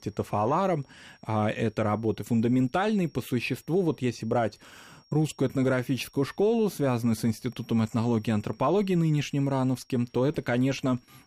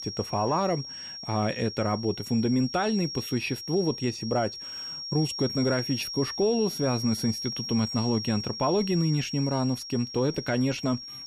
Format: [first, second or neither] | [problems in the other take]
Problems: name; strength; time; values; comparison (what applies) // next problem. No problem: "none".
first | high-pitched whine; loud; throughout; 5.5 kHz, 7 dB below the speech; faint in the first